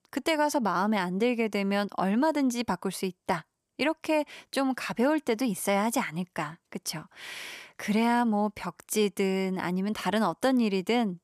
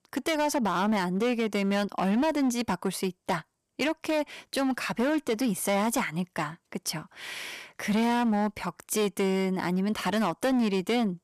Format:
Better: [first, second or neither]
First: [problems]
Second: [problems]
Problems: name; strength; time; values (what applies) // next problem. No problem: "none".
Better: first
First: none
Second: distortion; slight; 12% of the sound clipped